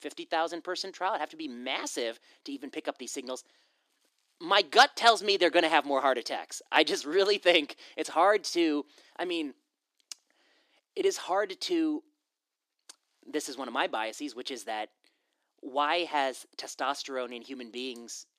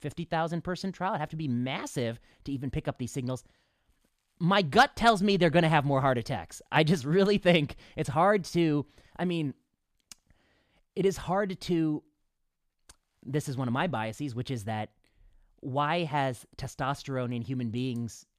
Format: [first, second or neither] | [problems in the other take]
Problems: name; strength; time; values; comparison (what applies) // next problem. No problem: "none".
second | thin; somewhat; fading below 300 Hz